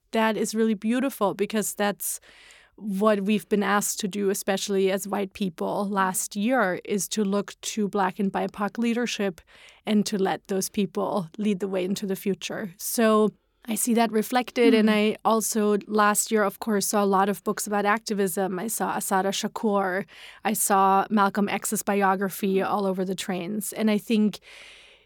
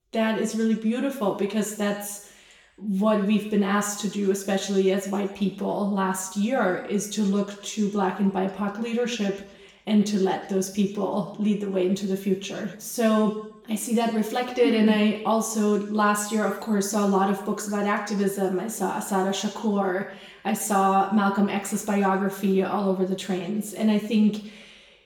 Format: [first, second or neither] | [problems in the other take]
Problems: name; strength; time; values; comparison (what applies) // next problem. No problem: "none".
first | room echo; slight; dies away in 0.8 s // off-mic speech; somewhat distant